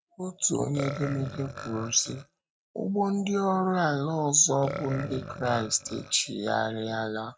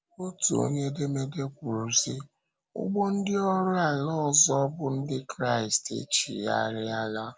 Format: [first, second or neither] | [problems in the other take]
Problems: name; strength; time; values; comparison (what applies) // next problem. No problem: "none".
second | noise reduction (neural mask model RNNoise)